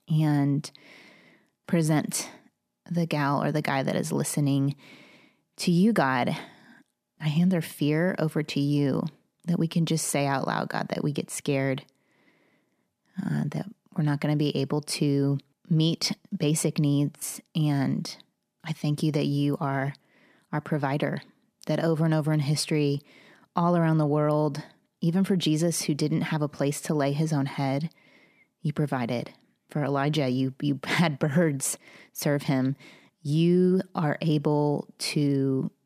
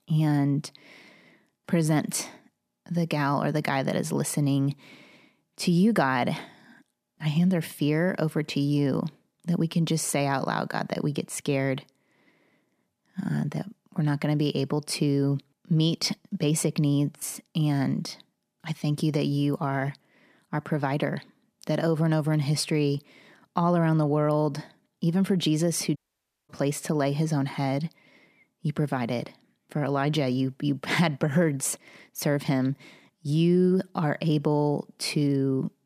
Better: first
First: none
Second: audio cutting out; at 26 s for 0.5 s

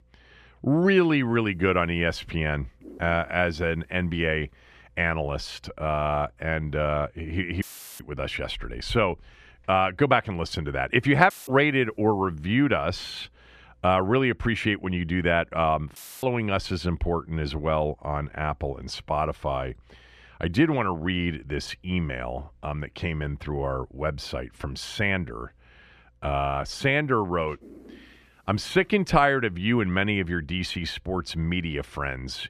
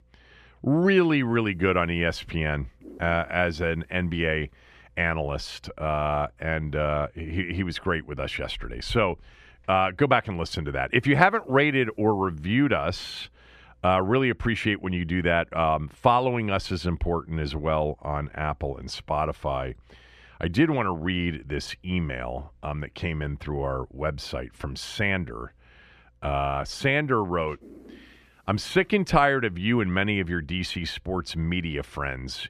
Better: second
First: audio cutting out; filled with static; at 7.5 s, at 11 s and at 16 s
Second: none

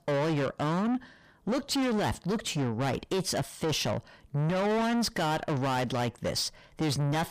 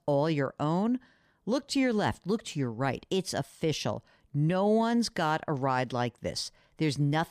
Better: second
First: distortion; heavy; 6 dB below the speech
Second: none

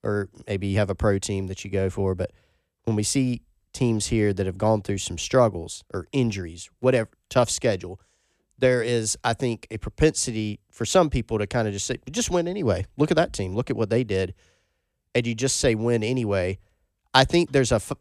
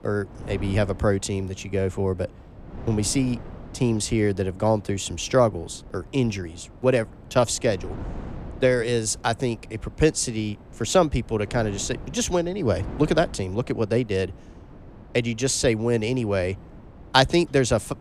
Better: first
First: none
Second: wind noise on the microphone; occasional gusts; 20 dB below the speech

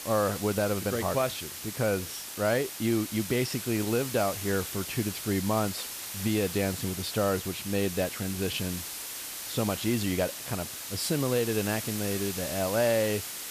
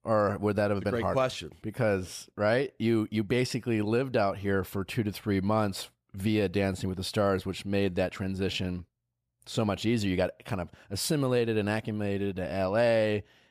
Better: second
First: hiss; loud; throughout; 6 dB below the speech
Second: none

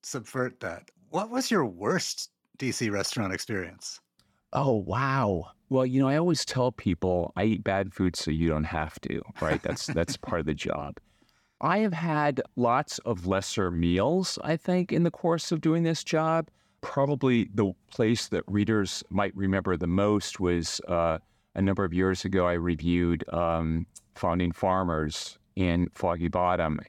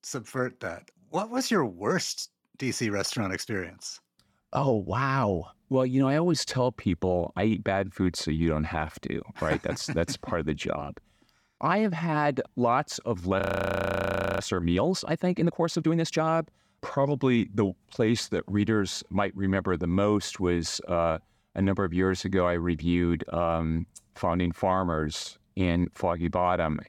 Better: first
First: none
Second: audio freezing; at 13 s for 1 s

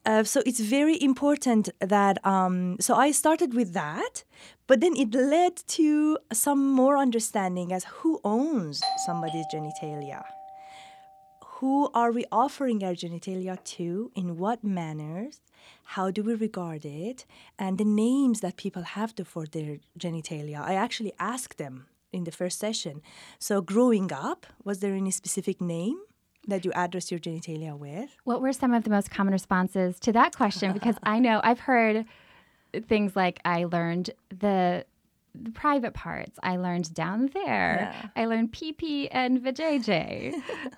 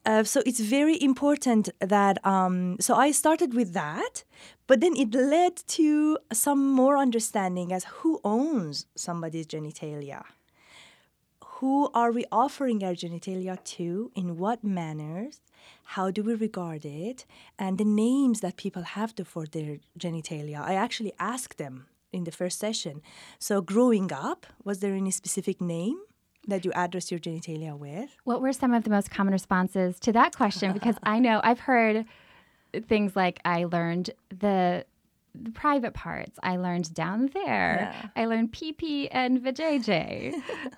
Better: second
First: doorbell; noticeable; from 9 to 10 s; peak 2 dB below the speech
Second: none

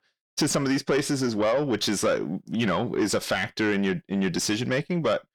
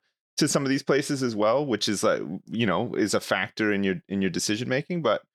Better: second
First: distortion; slight; 10 dB below the speech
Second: none

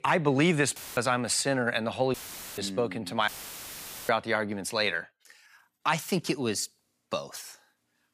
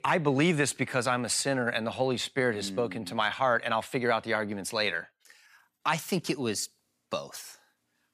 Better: second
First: audio cutting out; filled with static; at 1 s, at 2 s and at 3.5 s for 1 s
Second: none

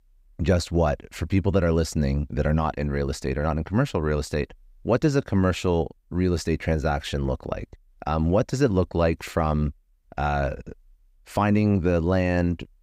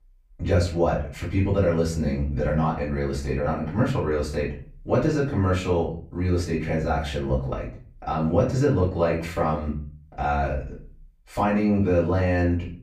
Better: first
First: none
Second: room echo; slight; dies away in 0.4 s // off-mic speech; far

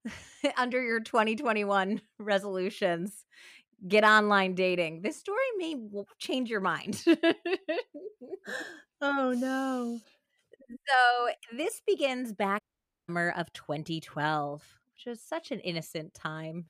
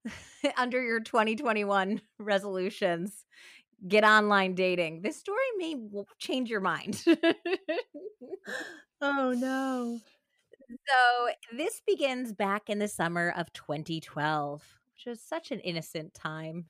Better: second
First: audio cutting out; at 13 s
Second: none

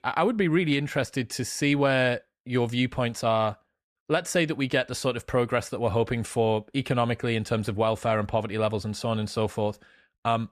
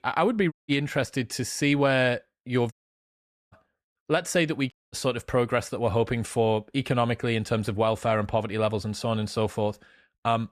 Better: first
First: none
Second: audio cutting out; at 0.5 s, at 2.5 s for 1 s and at 4.5 s

